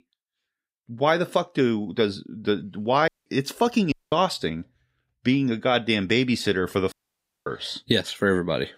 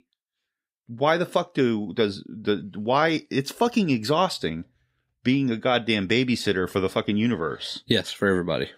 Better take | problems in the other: second | audio cutting out; at 3 s, at 4 s and at 7 s for 0.5 s

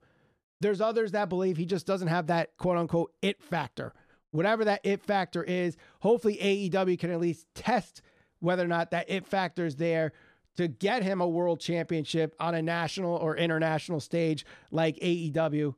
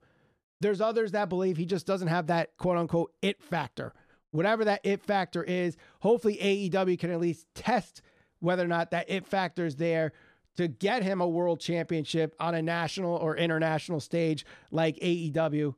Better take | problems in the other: neither | none

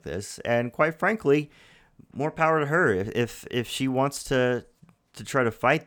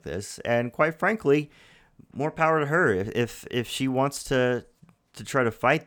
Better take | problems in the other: neither | none

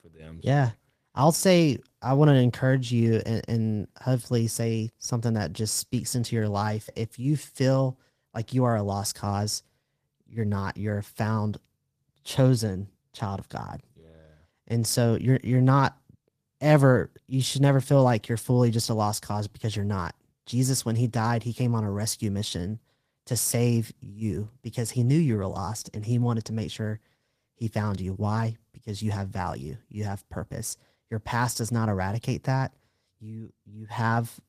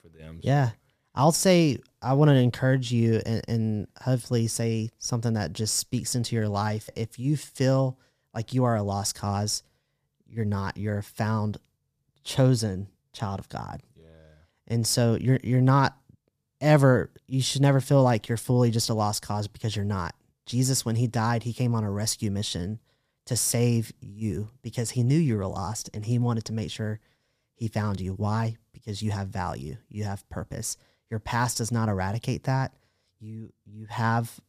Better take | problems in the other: second | garbled, watery; slightly; nothing above 14.5 kHz

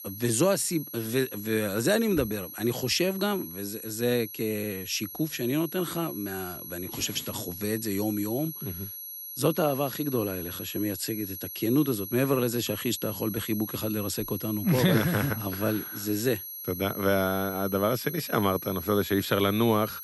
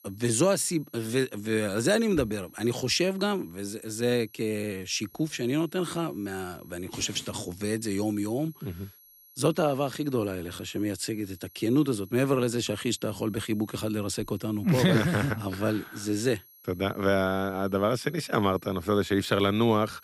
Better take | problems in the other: second | high-pitched whine; loud; throughout; 11.5 kHz, 9 dB below the speech; faint in the second

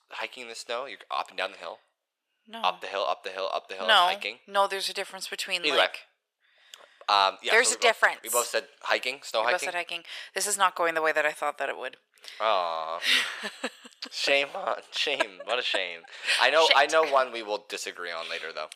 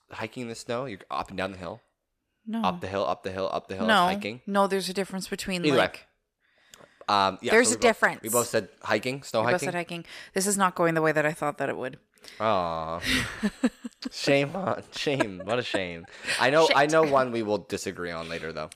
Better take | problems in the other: second | thin; very; fading below 650 Hz

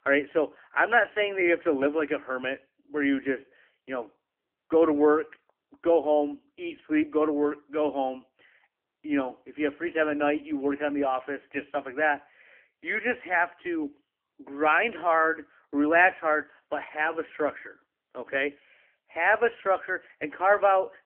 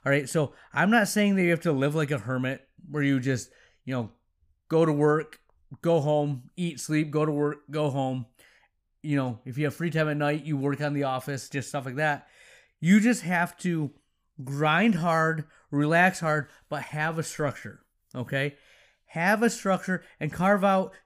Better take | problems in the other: second | phone-call audio; poor line; nothing above 3 kHz

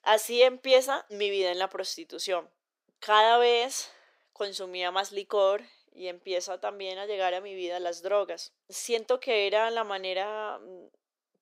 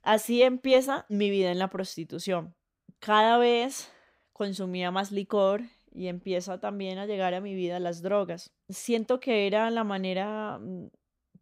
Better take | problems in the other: second | thin; very; fading below 400 Hz

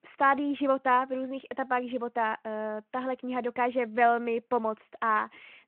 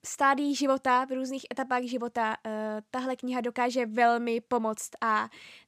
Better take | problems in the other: second | phone-call audio

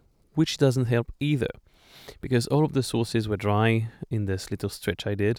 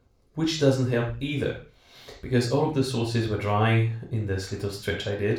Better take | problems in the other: first | room echo; noticeable; dies away in 0.3 s // off-mic speech; far

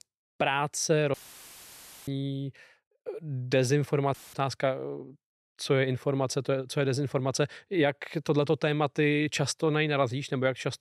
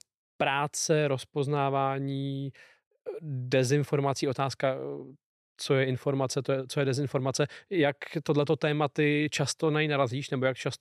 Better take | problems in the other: second | audio cutting out; filled with static; at 1 s for 1 s and at 4 s

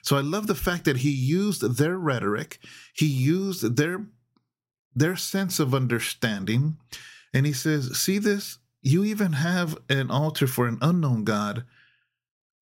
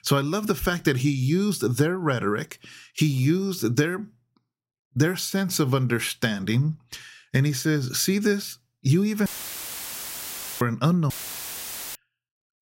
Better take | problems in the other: first | audio cutting out; filled with static; at 9.5 s for 1.5 s and at 11 s for 1 s

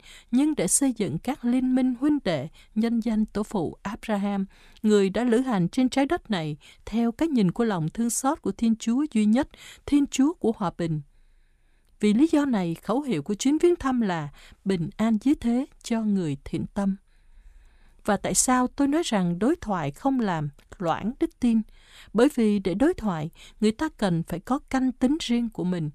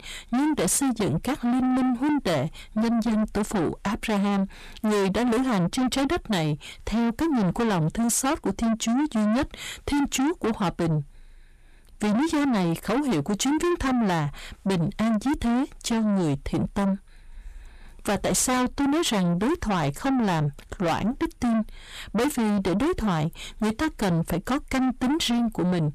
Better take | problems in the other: first | distortion; heavy; 6 dB below the speech

